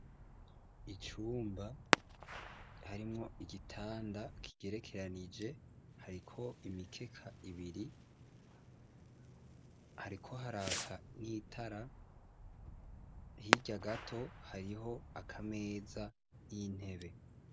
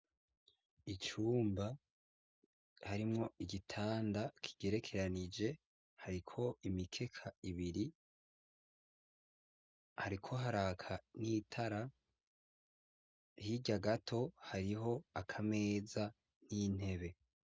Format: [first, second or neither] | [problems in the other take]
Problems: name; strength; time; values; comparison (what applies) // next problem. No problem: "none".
second | background sound (Fireworks); 1 dB above the speech